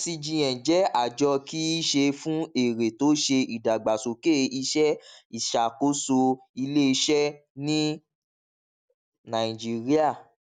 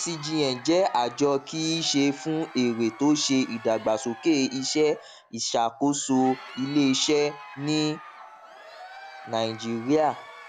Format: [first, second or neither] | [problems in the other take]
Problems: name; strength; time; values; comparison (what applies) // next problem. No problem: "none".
first | background sound (Crowd); 18 dB below the speech